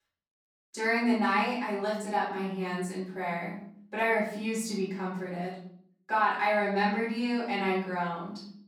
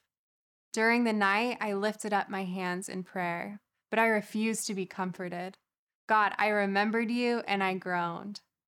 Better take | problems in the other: second | off-mic speech; far // room echo; noticeable; dies away in 0.6 s

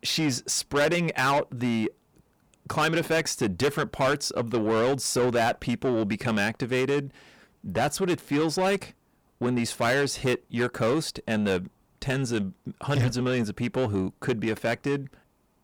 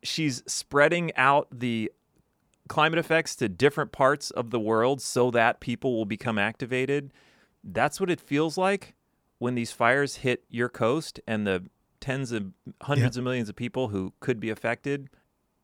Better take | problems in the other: second | distortion; heavy; 7 dB below the speech

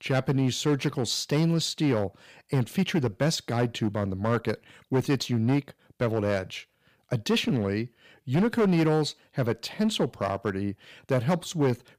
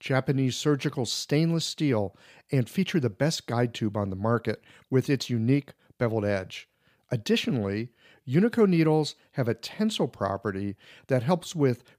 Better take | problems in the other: second | distortion; slight; 7% of the sound clipped

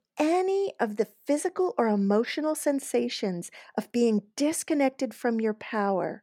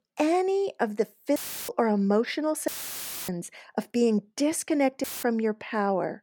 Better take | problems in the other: first | audio cutting out; filled with static; at 1.5 s, at 2.5 s for 0.5 s and at 5 s

